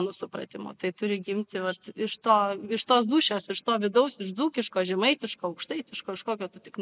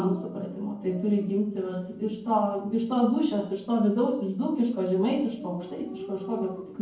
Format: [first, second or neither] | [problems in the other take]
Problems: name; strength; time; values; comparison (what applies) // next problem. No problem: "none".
first | background sound (Dog); 17 dB below the speech // room echo; dies away in 0.9 s